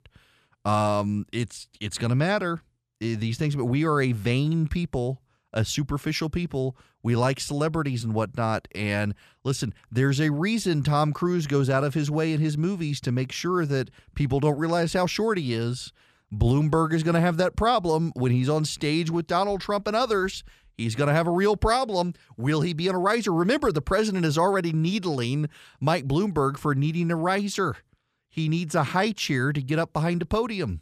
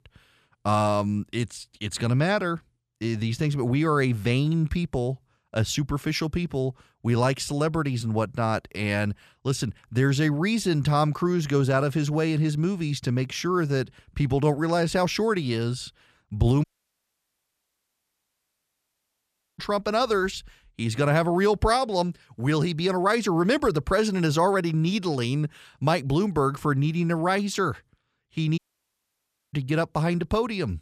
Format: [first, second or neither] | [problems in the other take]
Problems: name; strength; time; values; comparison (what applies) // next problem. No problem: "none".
first | audio cutting out; at 17 s for 3 s and at 29 s for 1 s